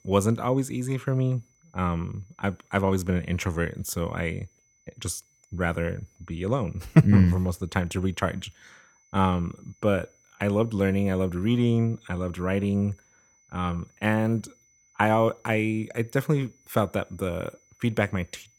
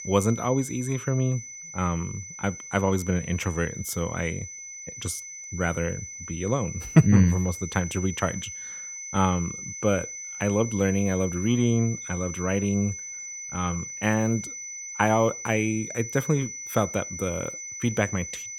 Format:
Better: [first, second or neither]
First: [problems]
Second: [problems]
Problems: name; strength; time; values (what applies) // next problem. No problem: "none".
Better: first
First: high-pitched whine; faint; throughout; 6 kHz, 35 dB below the speech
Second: high-pitched whine; loud; throughout; 6 kHz, 9 dB below the speech